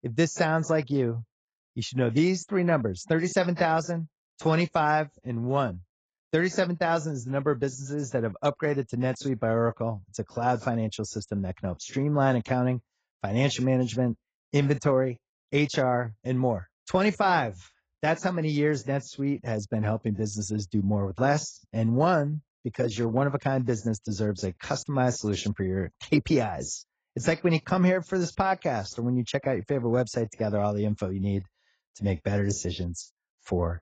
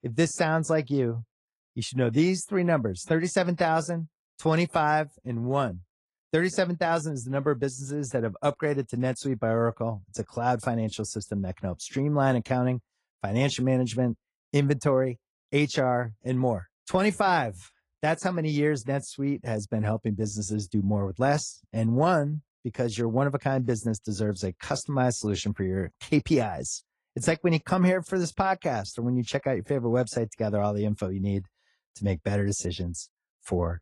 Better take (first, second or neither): second